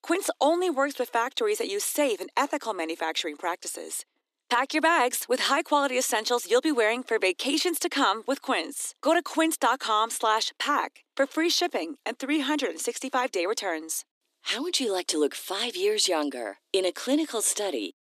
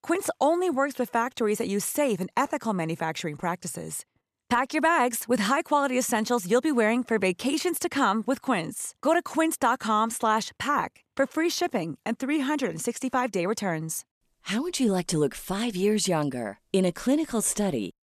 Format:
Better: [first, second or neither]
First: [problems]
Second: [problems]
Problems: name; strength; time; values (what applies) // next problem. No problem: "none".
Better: second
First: thin; very slightly; fading below 300 Hz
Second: none